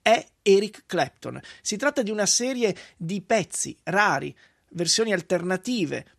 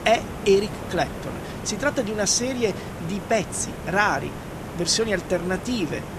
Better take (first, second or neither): first